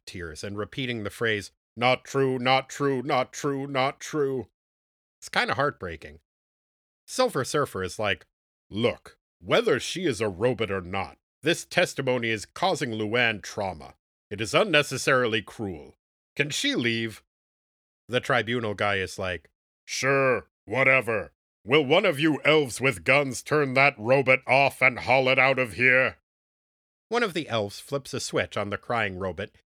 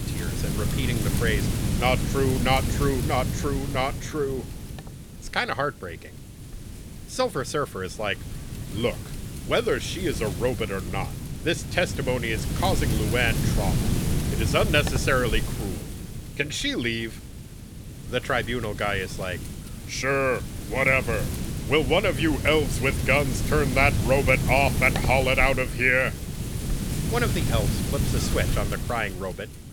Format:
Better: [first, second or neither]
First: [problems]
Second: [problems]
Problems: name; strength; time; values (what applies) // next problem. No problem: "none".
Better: first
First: none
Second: wind noise on the microphone; occasional gusts; 10 dB below the speech